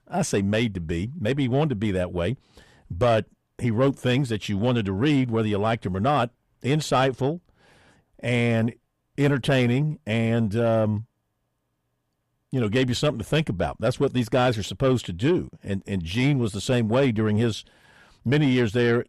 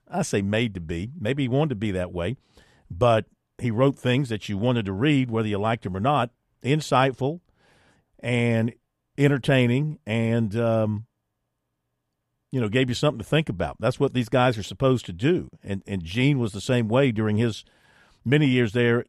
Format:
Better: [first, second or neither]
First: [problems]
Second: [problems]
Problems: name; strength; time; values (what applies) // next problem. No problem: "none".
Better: second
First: distortion; slight; 10 dB below the speech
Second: none